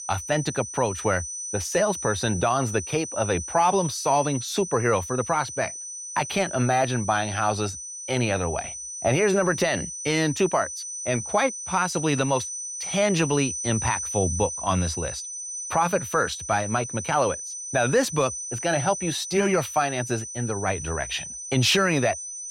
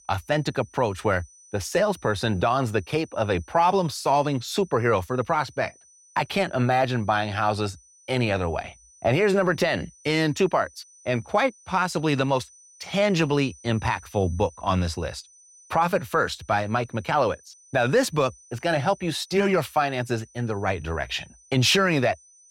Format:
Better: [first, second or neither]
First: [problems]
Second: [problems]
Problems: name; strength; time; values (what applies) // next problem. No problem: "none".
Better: second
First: high-pitched whine; loud; throughout; 6 kHz, 7 dB below the speech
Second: high-pitched whine; faint; throughout; 6 kHz, 25 dB below the speech